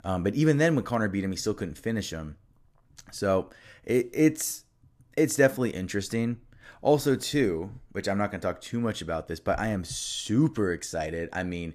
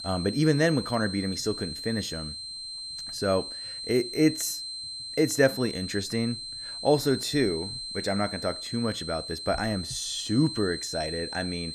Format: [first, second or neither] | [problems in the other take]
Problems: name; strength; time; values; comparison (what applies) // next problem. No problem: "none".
first | high-pitched whine; loud; throughout; 4 kHz, 7 dB below the speech